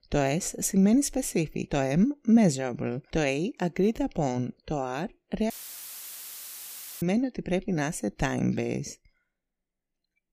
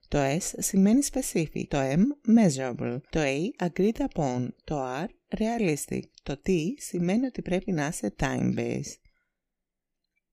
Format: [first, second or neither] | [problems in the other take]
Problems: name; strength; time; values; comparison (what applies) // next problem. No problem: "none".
second | audio cutting out; filled with static; at 5.5 s for 1.5 s